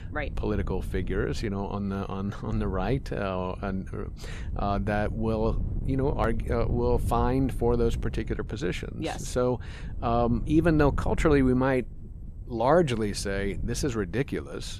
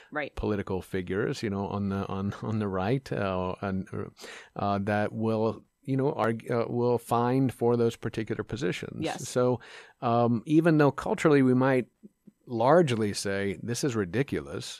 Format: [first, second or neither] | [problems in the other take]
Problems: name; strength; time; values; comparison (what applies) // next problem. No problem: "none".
second | wind noise on the microphone; occasional gusts; 20 dB below the speech